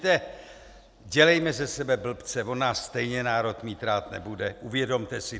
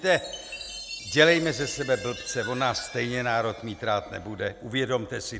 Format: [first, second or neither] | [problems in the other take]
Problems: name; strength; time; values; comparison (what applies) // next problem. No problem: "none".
first | background sound (Chime); 14 dB below the speech